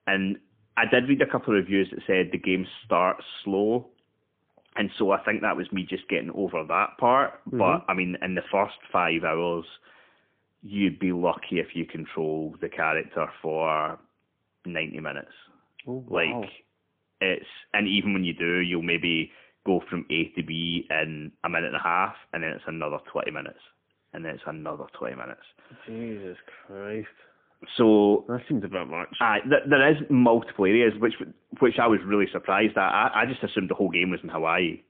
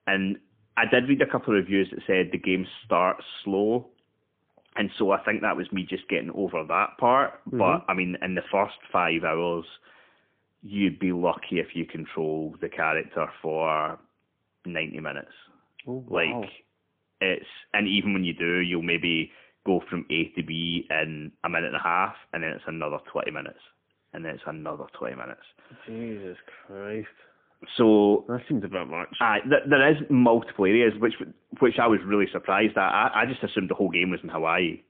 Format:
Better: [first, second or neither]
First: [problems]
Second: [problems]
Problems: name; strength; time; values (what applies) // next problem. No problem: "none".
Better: neither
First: phone-call audio; poor line; nothing above 3.5 kHz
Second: phone-call audio; poor line; nothing above 3.5 kHz